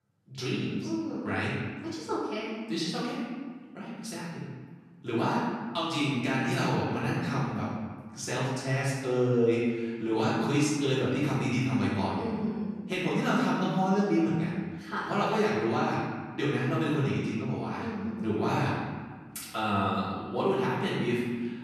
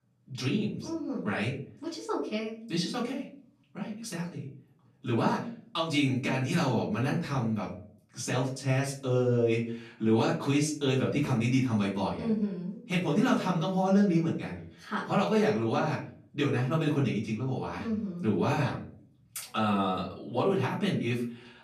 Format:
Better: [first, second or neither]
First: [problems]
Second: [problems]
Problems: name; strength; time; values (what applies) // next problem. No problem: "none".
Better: second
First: room echo; strong; dies away in 1.4 s // off-mic speech; far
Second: room echo; slight; dies away in 0.4 s // off-mic speech; far